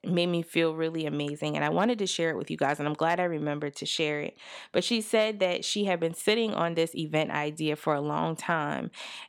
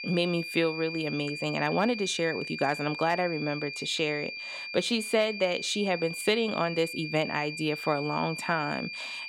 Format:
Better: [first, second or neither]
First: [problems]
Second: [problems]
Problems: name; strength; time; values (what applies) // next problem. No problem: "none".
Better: first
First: none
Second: high-pitched whine; loud; throughout; 2.5 kHz, 7 dB below the speech